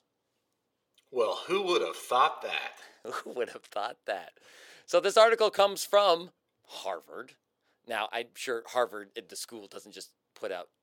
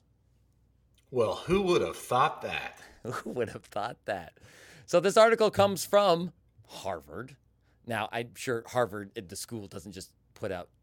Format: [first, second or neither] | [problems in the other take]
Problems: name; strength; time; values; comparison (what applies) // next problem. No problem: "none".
second | thin; somewhat; fading below 450 Hz